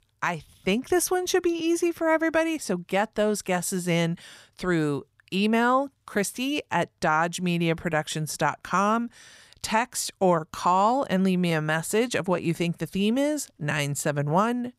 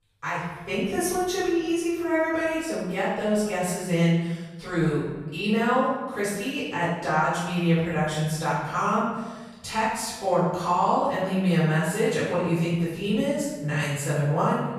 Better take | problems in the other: first | off-mic speech; far // room echo; strong; dies away in 1.3 s

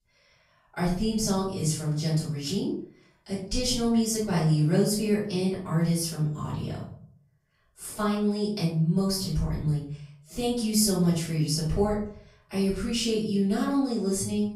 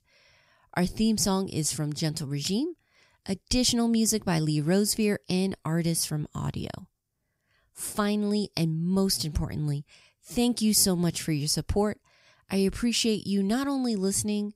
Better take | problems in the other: second | off-mic speech; far // room echo; noticeable; dies away in 0.5 s

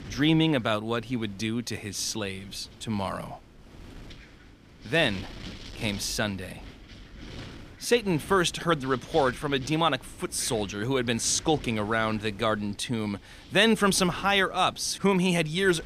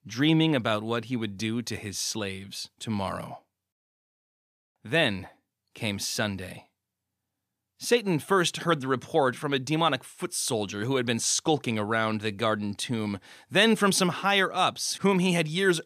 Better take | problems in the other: second | wind noise on the microphone; occasional gusts; 20 dB below the speech

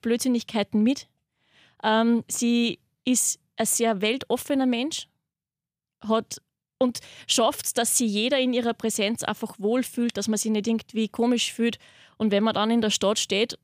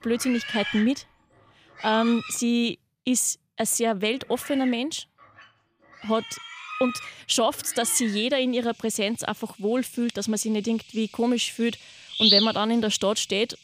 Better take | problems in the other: first | animal sounds; loud; throughout; 2 dB below the speech

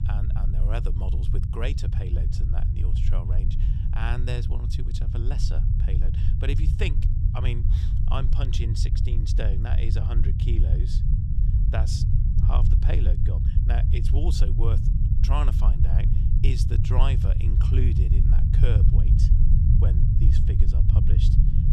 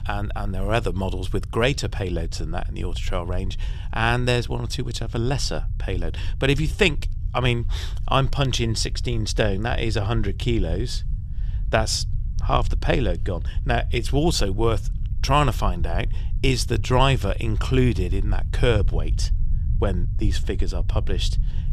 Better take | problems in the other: second | low rumble; loud; throughout; 1 dB below the speech; faint in the second

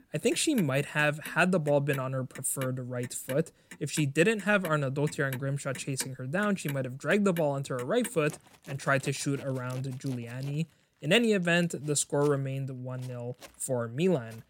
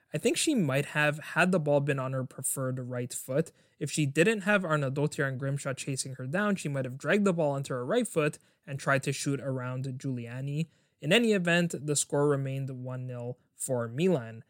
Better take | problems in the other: second | household noises; noticeable; throughout; 20 dB below the speech

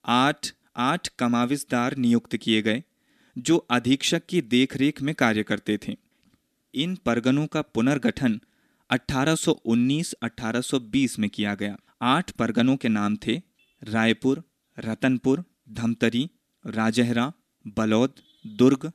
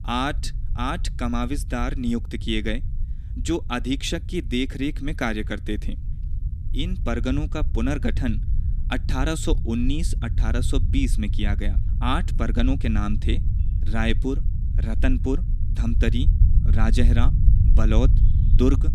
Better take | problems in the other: first | low rumble; noticeable; throughout; 15 dB below the speech

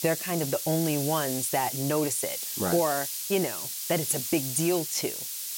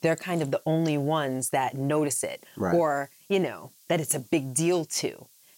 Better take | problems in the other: second | hiss; loud; throughout; 3 dB below the speech; faint in the second

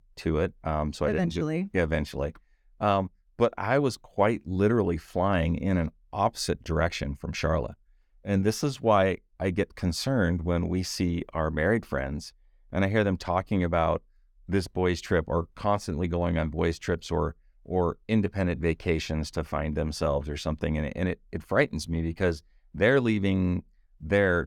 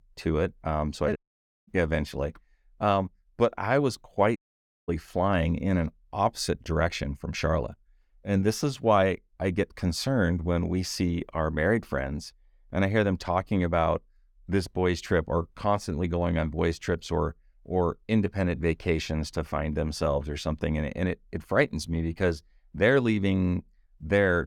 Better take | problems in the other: first | audio cutting out; at 1 s for 0.5 s and at 4.5 s for 0.5 s

